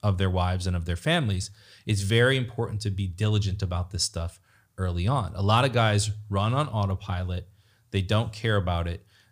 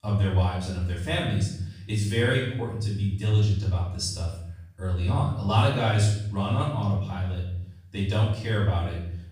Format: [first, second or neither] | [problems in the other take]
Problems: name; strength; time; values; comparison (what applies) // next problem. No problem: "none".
first | off-mic speech; far // room echo; noticeable; dies away in 0.7 s